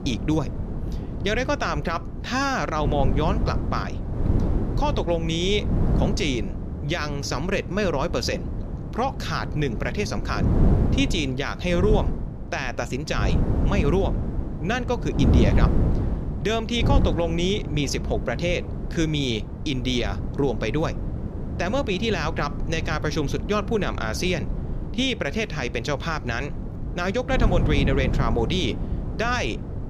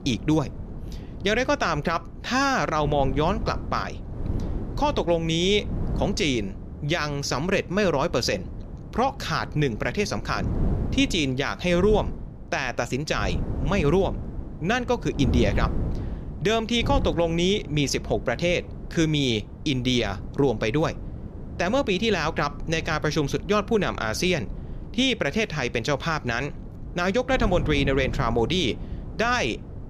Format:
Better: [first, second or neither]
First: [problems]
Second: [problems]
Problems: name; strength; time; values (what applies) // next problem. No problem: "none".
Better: second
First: wind noise on the microphone; heavy; 10 dB below the speech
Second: wind noise on the microphone; occasional gusts; 15 dB below the speech